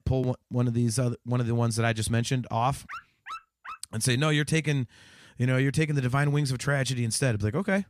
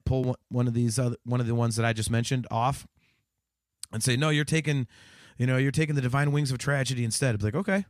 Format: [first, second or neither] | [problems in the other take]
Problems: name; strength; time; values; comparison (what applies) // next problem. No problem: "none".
second | dog barking; faint; at 3 s; peak 15 dB below the speech